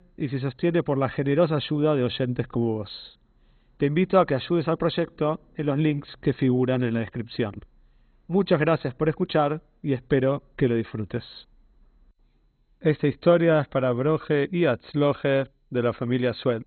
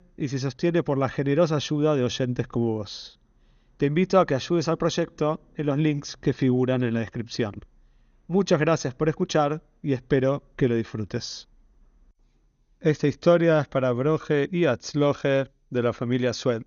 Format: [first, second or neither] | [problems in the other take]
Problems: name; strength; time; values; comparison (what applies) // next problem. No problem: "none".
second | garbled, watery; badly; nothing above 4 kHz; slightly in the second